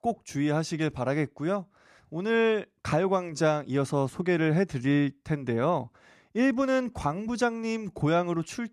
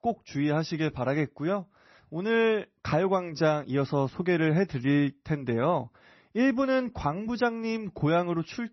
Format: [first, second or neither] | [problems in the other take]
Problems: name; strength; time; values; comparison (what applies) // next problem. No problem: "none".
first | garbled, watery; slightly; nothing above 6 kHz